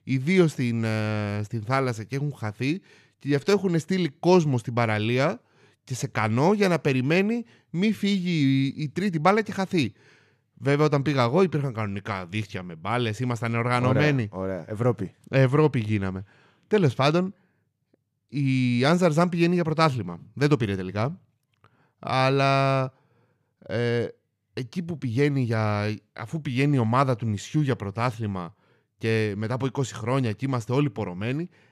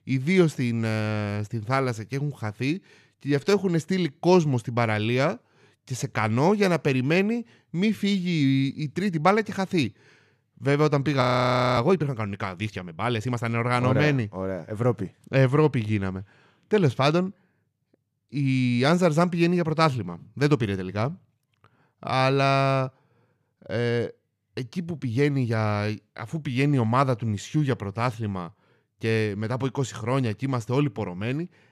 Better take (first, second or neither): first